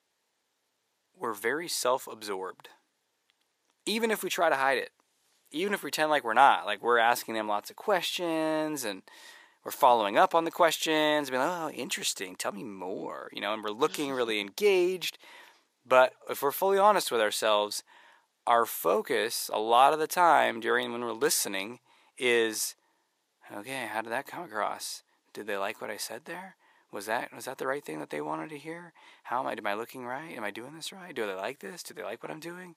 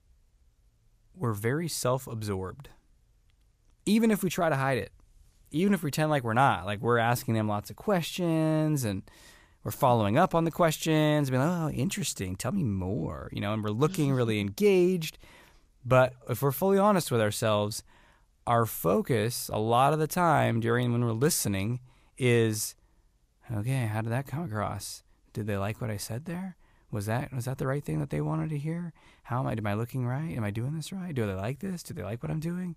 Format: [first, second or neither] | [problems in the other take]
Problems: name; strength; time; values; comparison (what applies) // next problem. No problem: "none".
second | thin; very; fading below 350 Hz